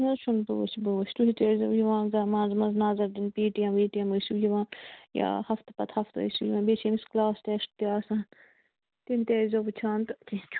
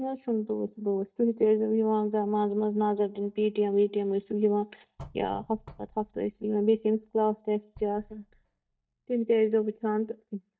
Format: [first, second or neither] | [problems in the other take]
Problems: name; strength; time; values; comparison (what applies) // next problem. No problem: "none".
first | noise reduction (neural mask model DeepFilterNet 3)